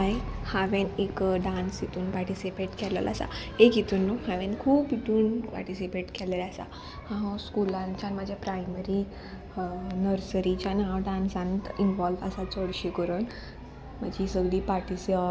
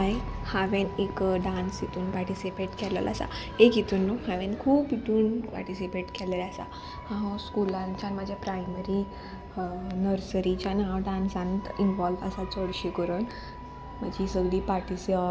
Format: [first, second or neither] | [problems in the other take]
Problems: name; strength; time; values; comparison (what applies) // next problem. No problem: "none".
first | background sound (Wind instrument, woodwind instrument); 18 dB below the speech